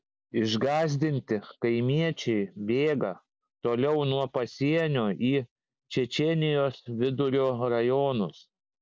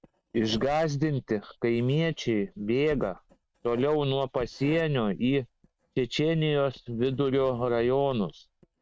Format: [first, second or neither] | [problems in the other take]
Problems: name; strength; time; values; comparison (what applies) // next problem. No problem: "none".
first | noise reduction (neural mask model RNNoise)